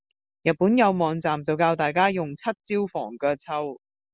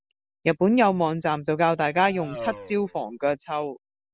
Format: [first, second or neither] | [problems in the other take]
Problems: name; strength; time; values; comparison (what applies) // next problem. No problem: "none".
first | background sound (Race car, auto racing); 15 dB below the speech